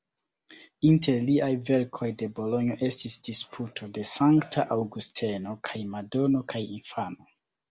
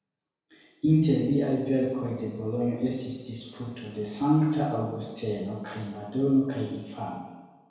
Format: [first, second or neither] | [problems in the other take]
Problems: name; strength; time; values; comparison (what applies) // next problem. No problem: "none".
first | room echo; dies away in 1.2 s